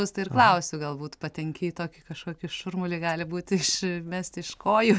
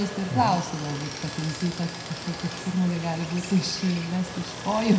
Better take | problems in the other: first | background sound (Stream); 10 dB below the speech // room echo; dies away in 0.8 s

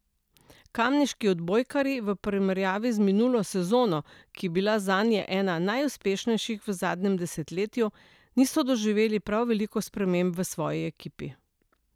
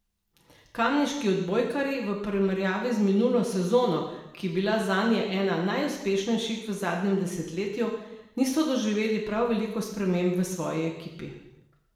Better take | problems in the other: first | room echo; dies away in 0.9 s

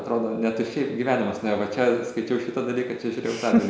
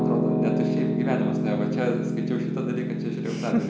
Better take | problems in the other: first | background sound (Piano); 4 dB above the speech

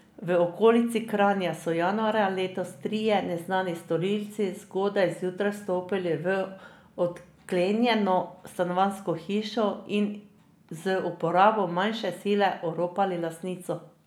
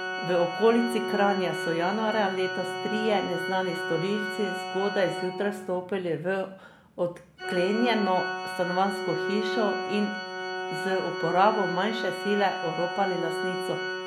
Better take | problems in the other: first | background sound (Organ); 4 dB below the speech

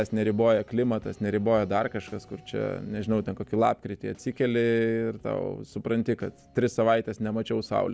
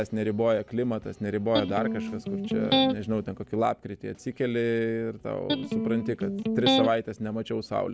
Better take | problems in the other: first | background sound (Electric guitar); 1 dB above the speech

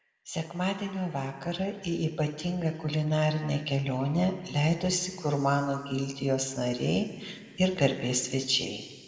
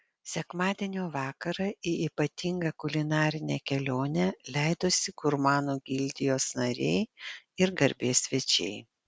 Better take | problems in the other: second | room echo; dies away in 2 s

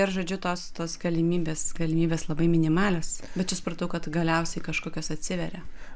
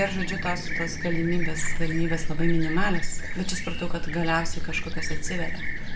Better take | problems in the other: first | background sound (Fixed-wing aircraft, airplane); 11 dB below the speech // room echo; dies away in 0.4 s

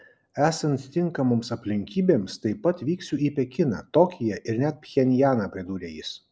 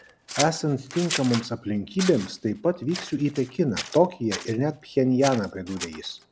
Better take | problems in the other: first | background sound (Scissors); 12 dB below the speech

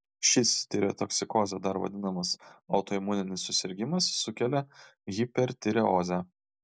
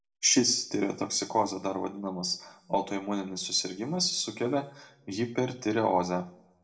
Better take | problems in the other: first | room echo; dies away in 0.4 s

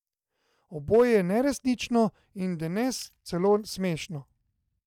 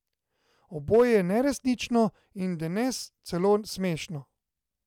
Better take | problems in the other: second | noise reduction (neural mask model DeepFilterNet 3)

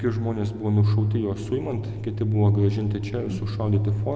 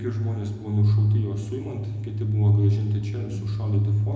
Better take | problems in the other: first | room echo; dies away in 0.9 s

